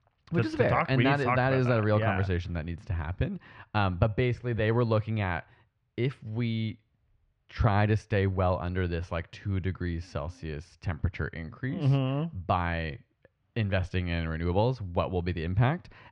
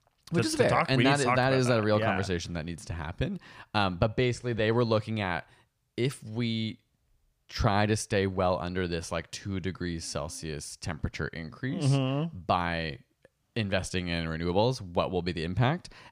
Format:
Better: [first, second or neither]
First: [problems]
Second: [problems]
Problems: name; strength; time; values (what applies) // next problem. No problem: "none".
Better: second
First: muffled; slightly; fading above 2.5 kHz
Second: none